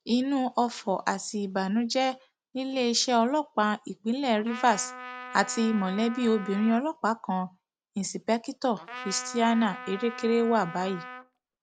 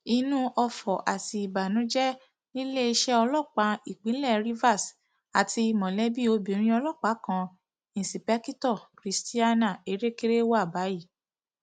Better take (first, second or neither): second